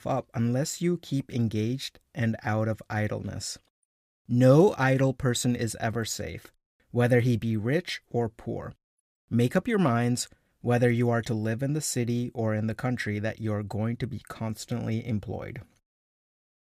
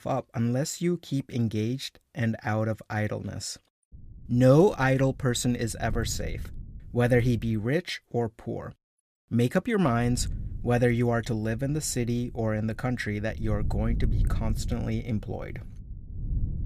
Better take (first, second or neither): first